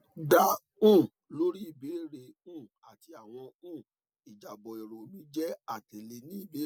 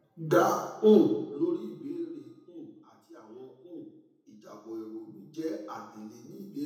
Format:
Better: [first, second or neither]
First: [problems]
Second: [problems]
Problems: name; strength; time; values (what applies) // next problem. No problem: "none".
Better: first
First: none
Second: room echo; dies away in 0.9 s